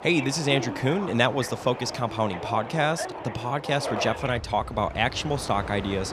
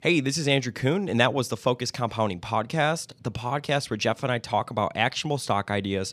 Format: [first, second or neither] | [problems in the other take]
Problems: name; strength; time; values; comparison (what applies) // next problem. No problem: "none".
second | train or aircraft noise; loud; throughout; 9 dB below the speech